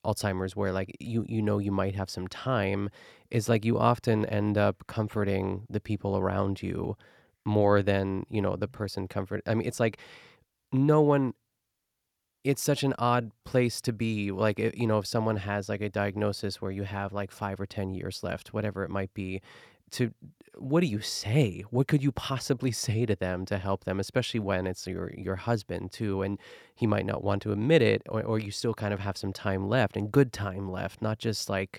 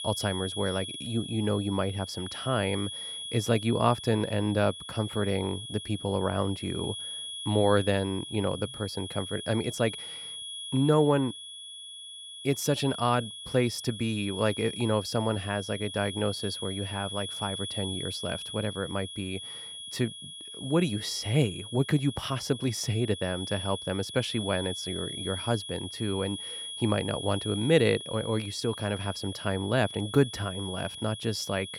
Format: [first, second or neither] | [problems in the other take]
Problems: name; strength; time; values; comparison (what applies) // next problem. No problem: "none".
first | high-pitched whine; loud; throughout; 3.5 kHz, 8 dB below the speech